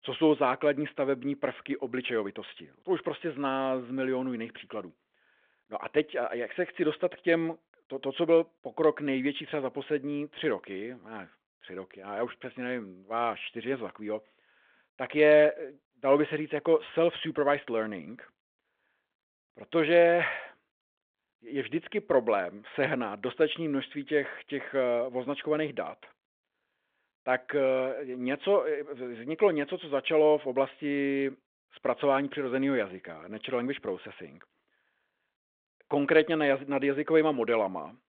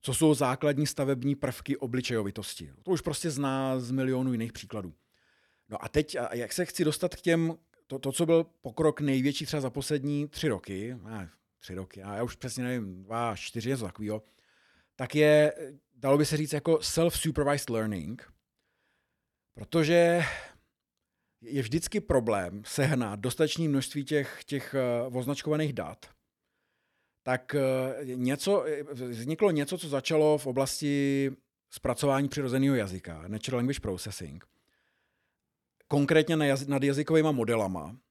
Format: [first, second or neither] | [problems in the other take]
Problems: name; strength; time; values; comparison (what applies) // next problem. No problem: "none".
second | phone-call audio